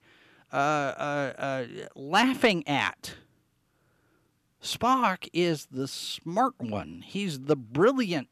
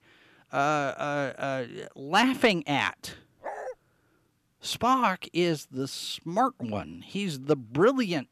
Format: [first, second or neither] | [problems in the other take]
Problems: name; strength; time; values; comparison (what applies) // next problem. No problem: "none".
first | dog barking; faint; at 3.5 s; peak 10 dB below the speech